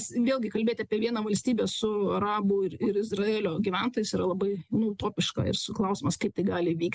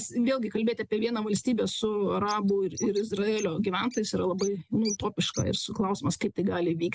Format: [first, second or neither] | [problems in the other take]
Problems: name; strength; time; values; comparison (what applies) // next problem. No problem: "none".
first | background sound (Bird); 16 dB below the speech